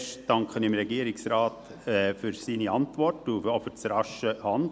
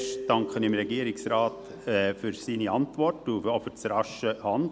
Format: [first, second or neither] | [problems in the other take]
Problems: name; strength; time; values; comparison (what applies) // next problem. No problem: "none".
first | background sound (Keyboard (musical)); 14 dB below the speech